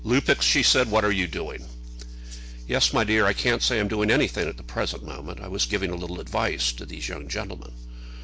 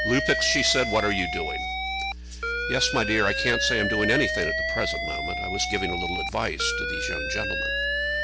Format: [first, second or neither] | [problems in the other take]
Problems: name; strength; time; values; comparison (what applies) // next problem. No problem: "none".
first | background sound (Alarm); 1 dB below the speech